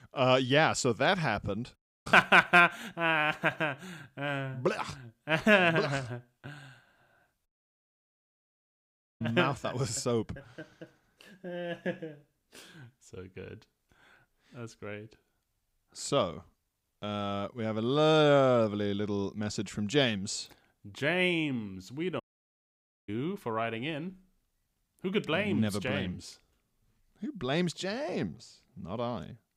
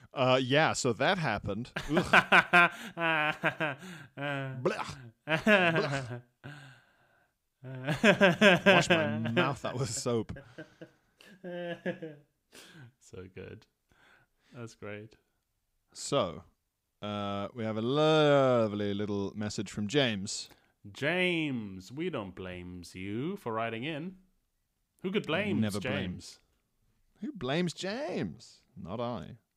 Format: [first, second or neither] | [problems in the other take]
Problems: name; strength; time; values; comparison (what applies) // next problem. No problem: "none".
second | audio cutting out; at 2 s, at 7.5 s for 1.5 s and at 22 s for 1 s